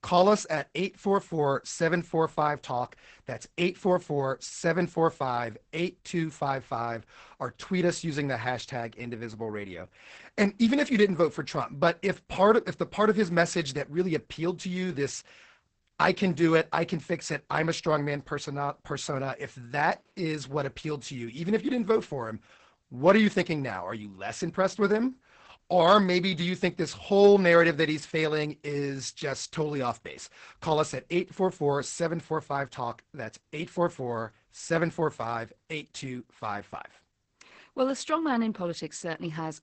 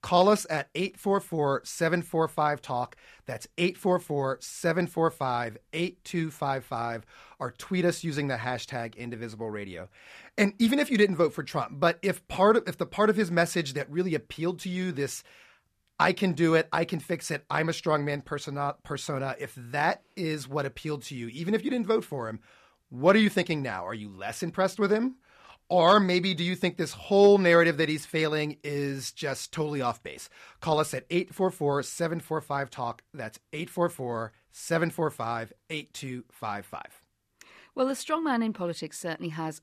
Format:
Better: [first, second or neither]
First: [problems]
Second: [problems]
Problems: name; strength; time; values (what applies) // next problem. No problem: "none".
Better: second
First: garbled, watery; badly; nothing above 8 kHz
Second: none